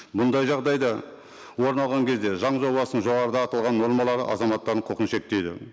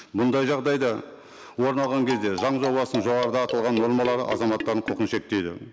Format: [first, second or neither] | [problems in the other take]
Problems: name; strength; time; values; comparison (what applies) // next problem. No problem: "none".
first | background sound (Marimba, xylophone); 11 dB below the speech